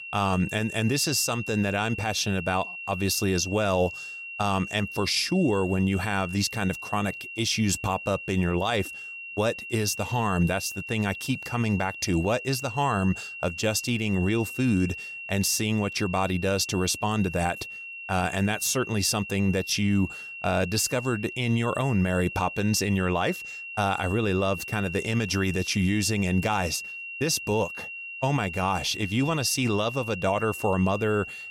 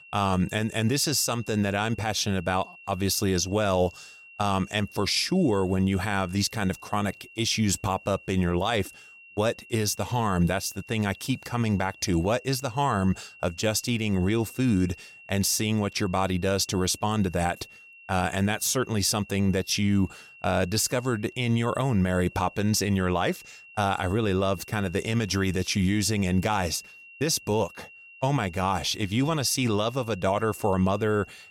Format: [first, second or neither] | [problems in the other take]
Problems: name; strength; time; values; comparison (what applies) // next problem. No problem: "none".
second | high-pitched whine; loud; throughout; 2.5 kHz, 9 dB below the speech; faint in the second